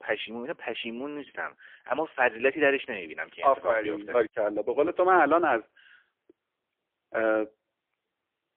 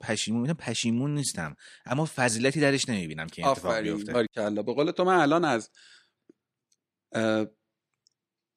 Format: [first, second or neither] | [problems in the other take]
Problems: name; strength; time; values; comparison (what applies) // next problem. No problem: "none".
second | phone-call audio; poor line